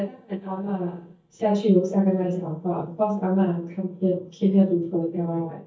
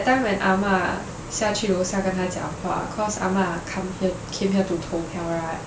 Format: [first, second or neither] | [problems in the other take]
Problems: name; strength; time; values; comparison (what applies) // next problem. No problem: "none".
second | noise reduction (neural mask model DeepFilterNet 3)